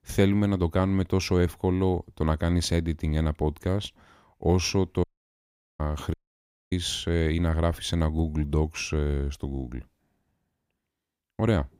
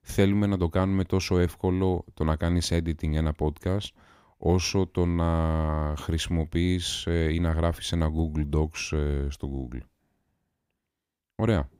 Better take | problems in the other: second | audio cutting out; at 5 s for 1 s and at 6 s for 0.5 s

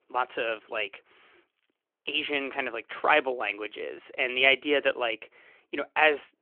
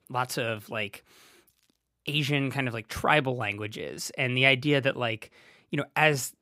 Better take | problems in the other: second | phone-call audio; nothing above 3 kHz

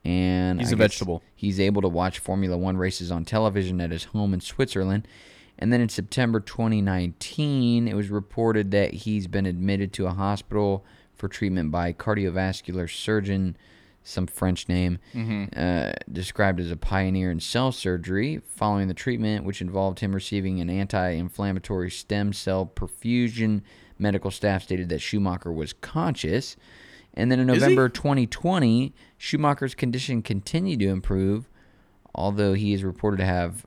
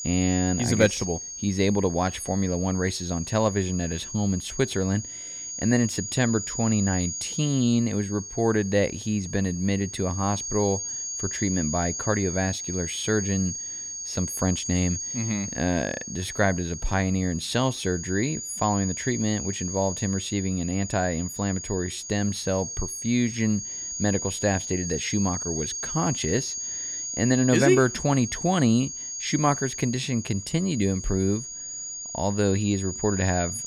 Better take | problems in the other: first | high-pitched whine; loud; throughout; 6.5 kHz, 6 dB below the speech

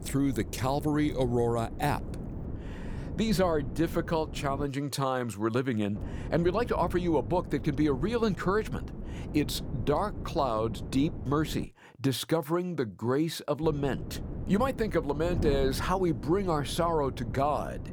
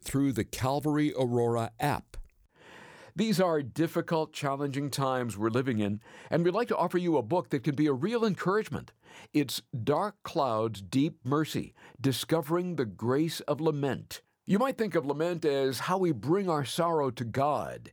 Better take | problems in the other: second | wind noise on the microphone; occasional gusts; until 4.5 s, from 6 to 12 s and from 14 s on; 15 dB below the speech

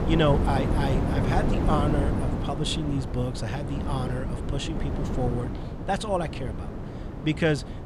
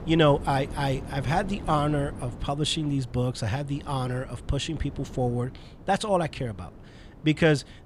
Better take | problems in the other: second | wind noise on the microphone; heavy; 5 dB below the speech; occasional gusts in the second

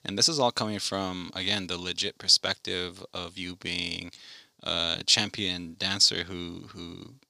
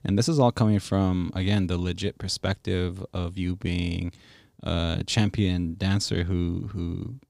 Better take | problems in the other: second | thin; somewhat; fading below 900 Hz

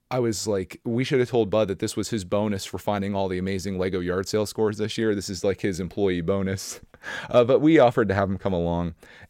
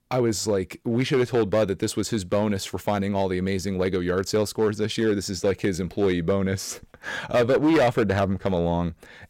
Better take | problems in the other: first | distortion; slight; 6% of the sound clipped

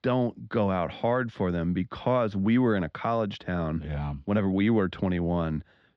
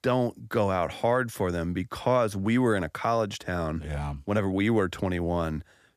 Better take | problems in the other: second | muffled; slightly; fading above 4 kHz

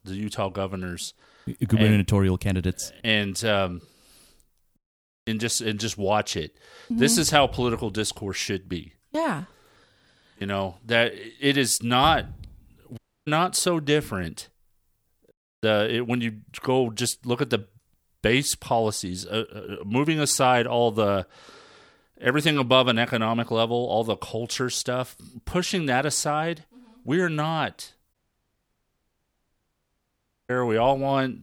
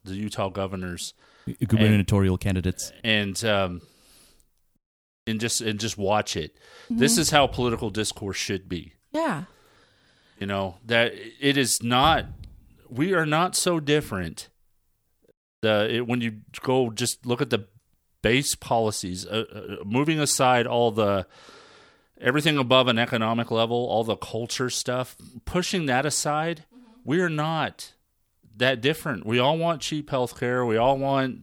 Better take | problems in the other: second | audio cutting out; at 13 s and at 28 s for 2.5 s

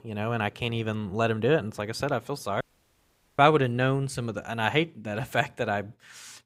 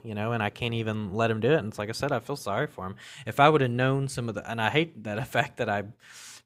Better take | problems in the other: second | audio cutting out; at 2.5 s for 1 s

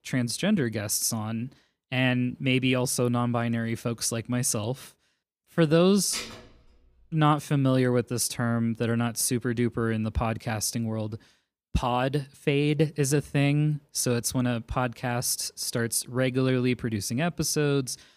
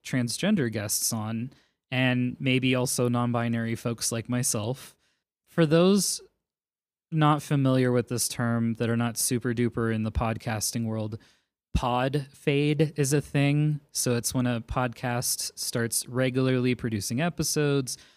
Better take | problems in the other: second | clattering dishes; noticeable; at 6 s; peak 9 dB below the speech

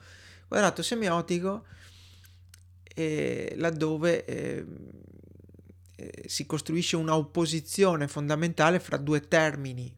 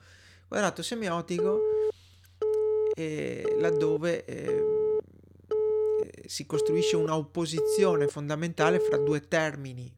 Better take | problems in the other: first | phone ringing; loud; from 1.5 to 9 s; peak 5 dB above the speech

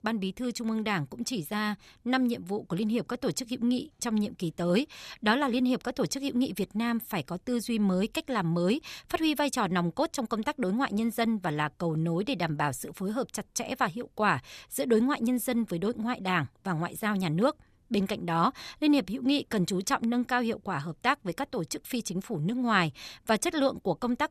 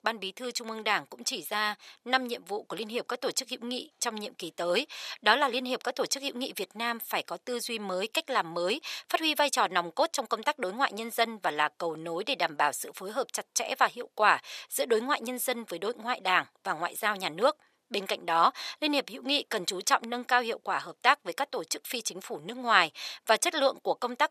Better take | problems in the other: first | thin; very; fading below 600 Hz

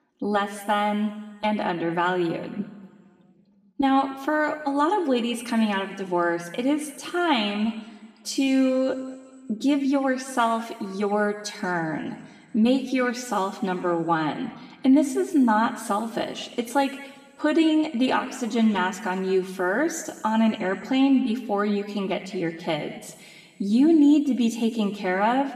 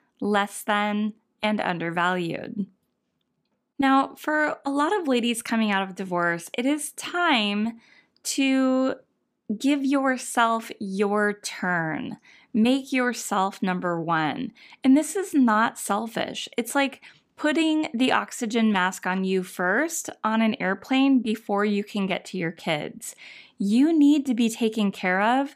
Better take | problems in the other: second | room echo; slight; dies away in 1.6 s // off-mic speech; somewhat distant

